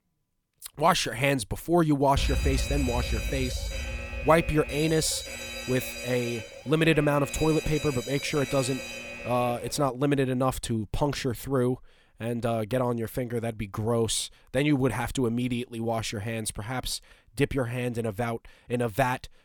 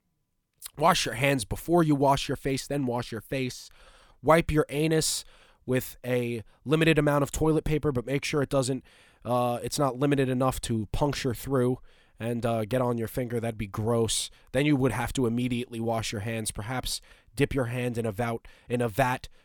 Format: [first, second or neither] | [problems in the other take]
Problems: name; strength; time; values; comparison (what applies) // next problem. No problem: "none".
second | alarm; noticeable; from 2 to 10 s; peak 1 dB below the speech